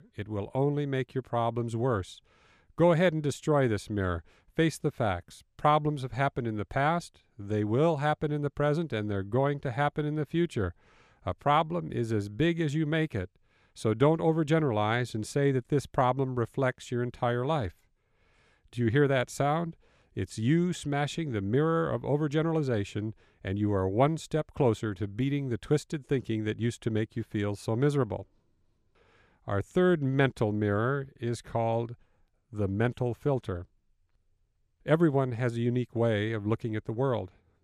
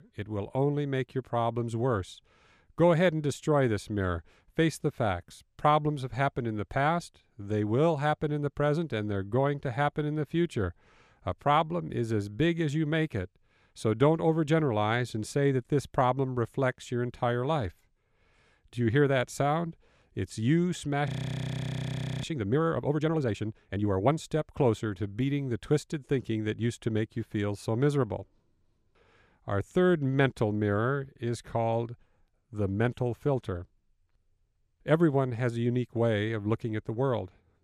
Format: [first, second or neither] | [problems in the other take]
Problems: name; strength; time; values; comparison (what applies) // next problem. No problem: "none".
first | audio freezing; at 21 s for 1 s